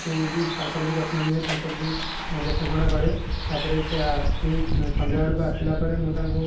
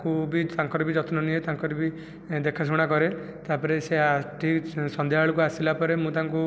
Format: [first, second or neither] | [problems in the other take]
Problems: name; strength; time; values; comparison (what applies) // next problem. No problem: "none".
second | background sound (Bus); 1 dB above the speech // room echo; dies away in 0.6 s